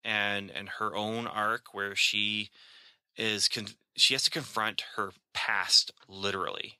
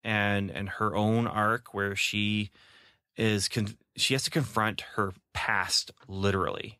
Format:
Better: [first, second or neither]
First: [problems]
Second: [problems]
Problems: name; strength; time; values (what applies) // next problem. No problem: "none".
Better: second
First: thin; somewhat; fading below 850 Hz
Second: none